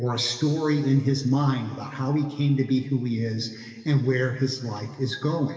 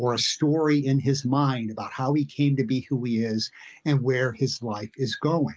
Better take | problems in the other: second | room echo; dies away in 2.3 s

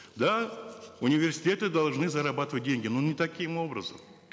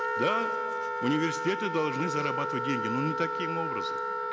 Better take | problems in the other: first | background sound (Wind instrument, woodwind instrument); as loud as the speech

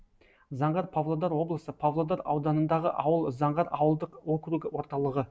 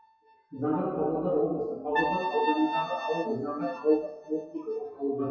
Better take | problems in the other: first | noise reduction (classical method WPE with log-MMSE)

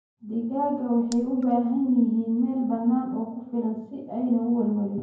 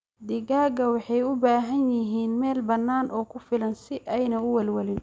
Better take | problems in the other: second | background sound (Raindrop); 20 dB below the speech // room echo; dies away in 0.9 s

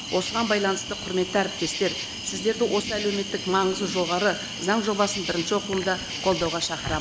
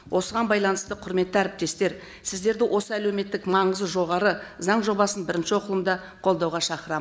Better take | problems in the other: second | background sound (Cricket); 7 dB below the speech

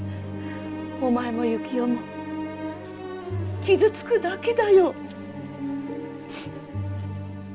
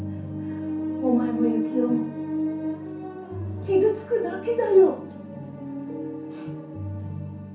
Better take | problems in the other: first | room echo; dies away in 0.6 s

